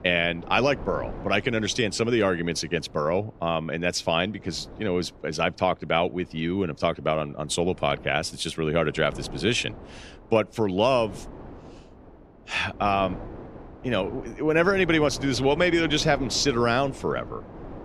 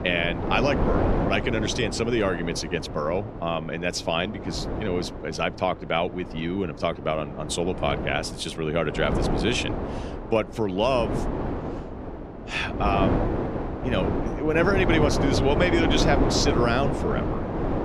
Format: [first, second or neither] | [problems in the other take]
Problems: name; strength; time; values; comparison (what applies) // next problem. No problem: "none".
first | wind noise on the microphone; heavy; 5 dB below the speech; occasional gusts in the first